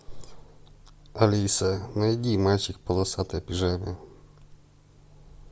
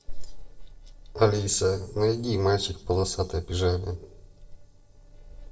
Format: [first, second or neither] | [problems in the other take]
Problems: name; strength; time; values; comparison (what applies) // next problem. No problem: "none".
first | noise reduction (neural separator model SepFormer DNS4)